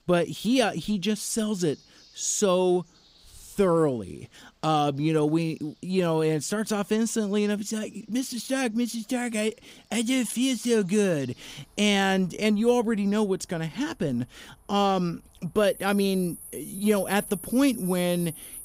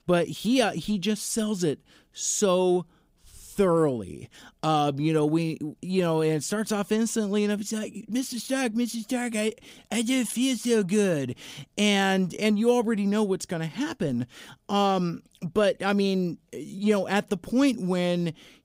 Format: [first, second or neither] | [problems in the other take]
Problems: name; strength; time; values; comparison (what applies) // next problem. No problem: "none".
second | animal sounds; noticeable; throughout; 15 dB below the speech